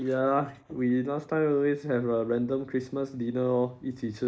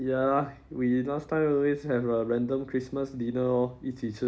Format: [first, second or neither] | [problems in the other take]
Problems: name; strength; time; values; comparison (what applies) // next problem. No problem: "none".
second | noise reduction (neural mask model Resemble Enhance denoiser)